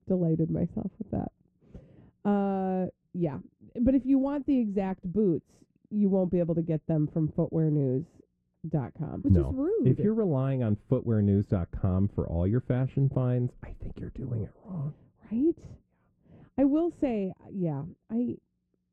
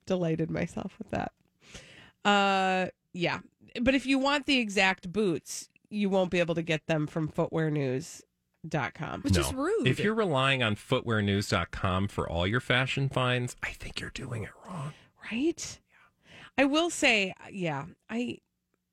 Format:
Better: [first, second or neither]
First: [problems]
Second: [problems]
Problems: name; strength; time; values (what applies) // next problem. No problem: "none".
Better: second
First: muffled; very; fading above 1 kHz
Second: none